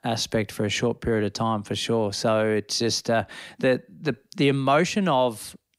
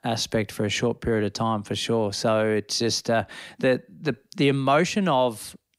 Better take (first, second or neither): neither